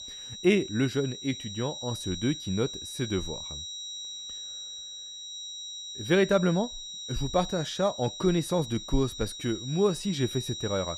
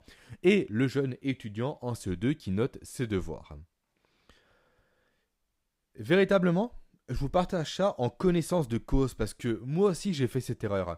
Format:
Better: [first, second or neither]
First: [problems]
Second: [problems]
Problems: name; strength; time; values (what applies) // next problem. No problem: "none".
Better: second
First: high-pitched whine; loud; throughout; 4 kHz, 8 dB below the speech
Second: none